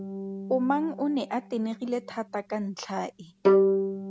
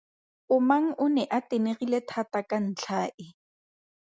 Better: second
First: background sound (Bowed string instrument); 2 dB above the speech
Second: none

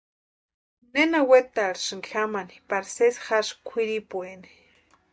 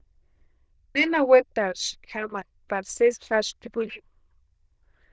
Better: first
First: none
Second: noise reduction (neural diffusion model UNIVERSE++)

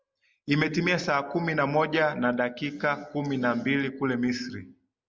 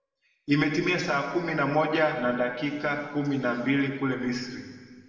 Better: first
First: none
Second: room echo; dies away in 1.9 s

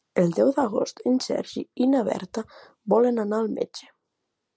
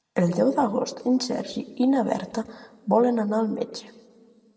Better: first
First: none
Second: room echo; dies away in 1.4 s

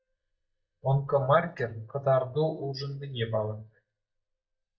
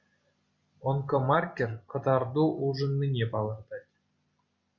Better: second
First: noise reduction (neural mask model DeepFilterNet 3)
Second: none

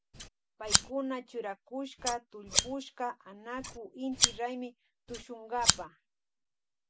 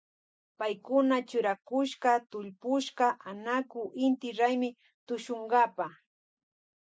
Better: second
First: background sound (Scissors); 4 dB above the speech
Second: none

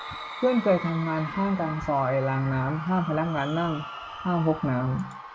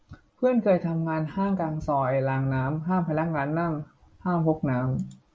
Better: second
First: background sound (Crowd / Cheering); 11 dB below the speech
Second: none

